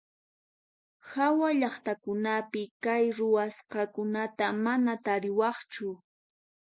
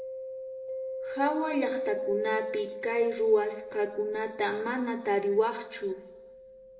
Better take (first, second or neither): first